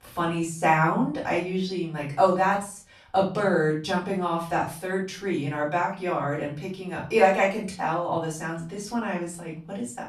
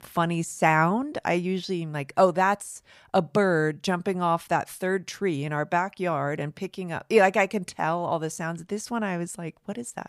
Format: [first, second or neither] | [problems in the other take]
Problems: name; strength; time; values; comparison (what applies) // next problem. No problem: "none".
second | off-mic speech; far // room echo; slight; dies away in 0.3 s